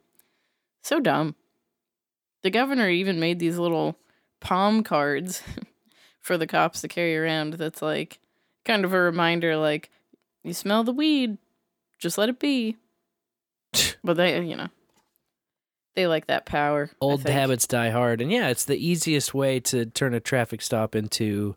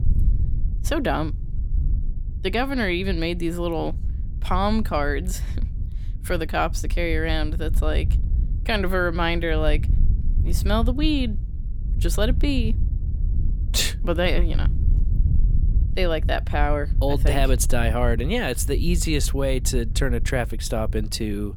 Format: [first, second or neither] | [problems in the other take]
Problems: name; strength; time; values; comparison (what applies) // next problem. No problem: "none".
first | wind noise on the microphone; occasional gusts; 20 dB below the speech